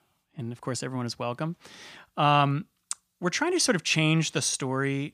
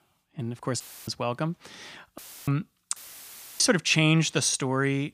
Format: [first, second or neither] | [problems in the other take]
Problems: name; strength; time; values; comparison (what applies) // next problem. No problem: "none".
first | audio cutting out; filled with static; at 1 s, at 2 s and at 3 s for 0.5 s